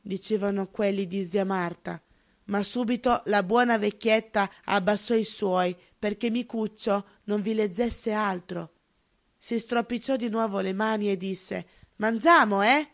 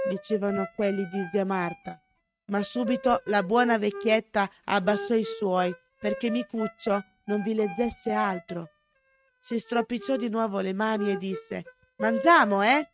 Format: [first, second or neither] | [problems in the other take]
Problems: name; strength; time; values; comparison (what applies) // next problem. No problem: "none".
first | noise reduction (neural mask model RNNoise)